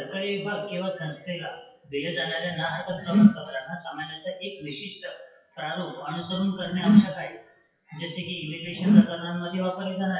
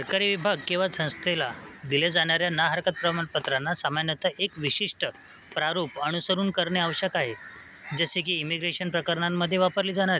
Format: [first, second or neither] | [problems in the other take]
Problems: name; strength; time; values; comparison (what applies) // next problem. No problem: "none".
second | noise reduction (classical method WPE with log-MMSE)